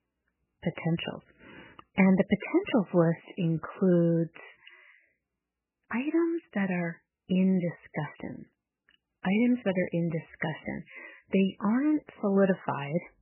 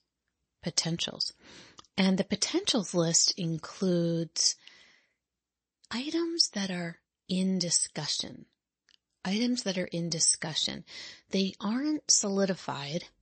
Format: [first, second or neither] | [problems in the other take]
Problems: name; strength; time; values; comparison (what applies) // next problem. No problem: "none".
second | garbled, watery; badly; nothing above 3 kHz; slightly in the second